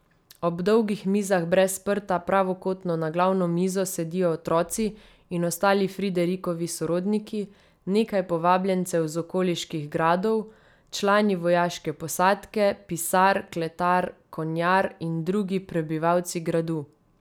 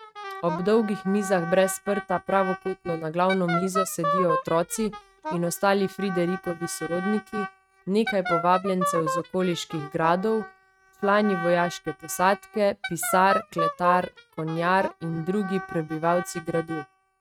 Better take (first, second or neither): first